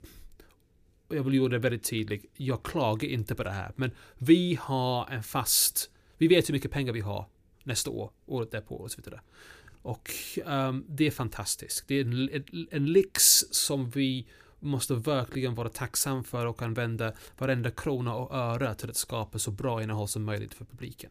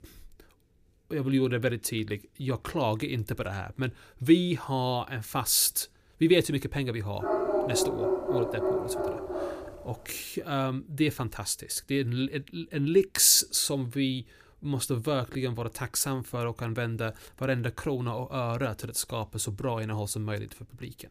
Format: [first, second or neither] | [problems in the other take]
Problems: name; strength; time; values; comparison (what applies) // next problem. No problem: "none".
first | dog barking; loud; from 7 to 9.5 s; peak 1 dB above the speech